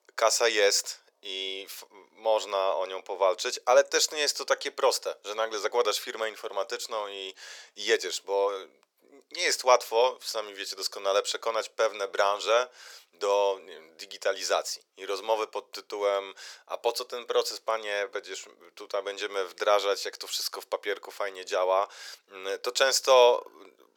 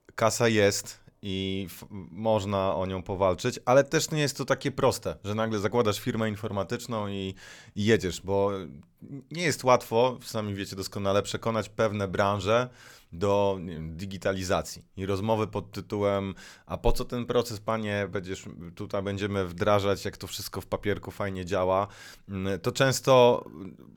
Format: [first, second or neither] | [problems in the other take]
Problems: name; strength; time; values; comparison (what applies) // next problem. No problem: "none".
second | thin; very; fading below 400 Hz